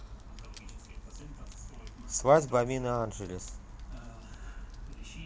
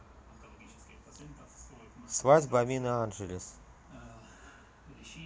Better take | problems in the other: second | background sound (Fire); 11 dB below the speech

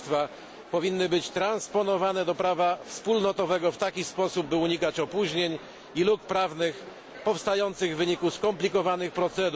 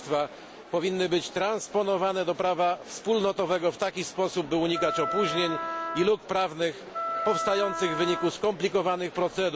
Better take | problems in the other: first | background sound (Wind instrument, woodwind instrument); 5 dB below the speech

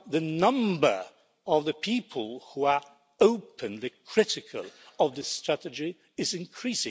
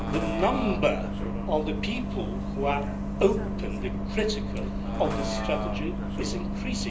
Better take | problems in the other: first | background sound (Bus); as loud as the speech // room echo; dies away in 0.5 s

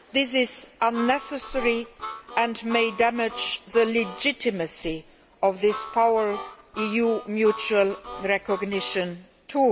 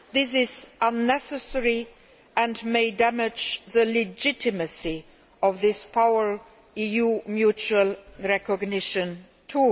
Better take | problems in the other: second | background sound (Harmonica); 13 dB below the speech

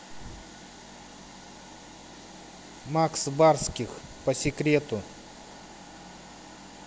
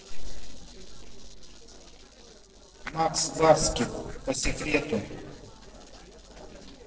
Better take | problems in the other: first | noise reduction (neural separator model SepFormer DNS4)

